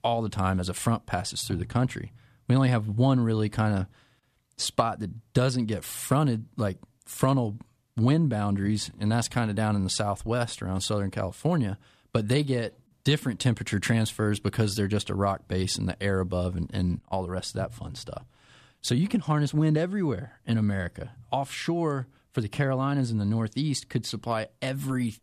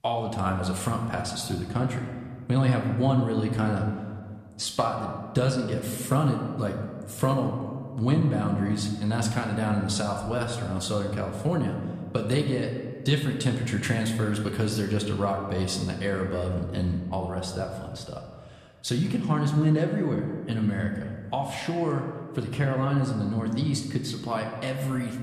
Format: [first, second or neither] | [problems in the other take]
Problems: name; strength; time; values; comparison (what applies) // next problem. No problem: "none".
first | room echo; slight; dies away in 1.4 s